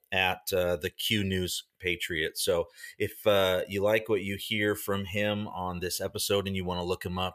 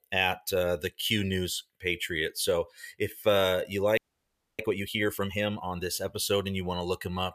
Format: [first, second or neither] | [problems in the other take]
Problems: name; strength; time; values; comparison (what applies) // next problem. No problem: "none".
first | audio freezing; at 4 s for 0.5 s